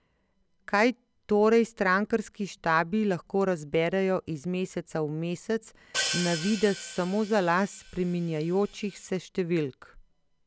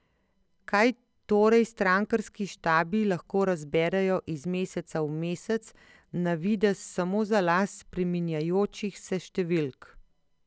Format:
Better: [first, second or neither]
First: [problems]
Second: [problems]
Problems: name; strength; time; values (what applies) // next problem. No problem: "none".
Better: second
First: background sound (Hi-hat); 9 dB below the speech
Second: none